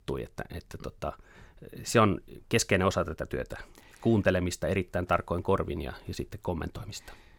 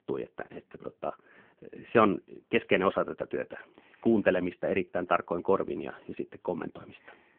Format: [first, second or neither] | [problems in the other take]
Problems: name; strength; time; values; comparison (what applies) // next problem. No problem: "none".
first | phone-call audio; poor line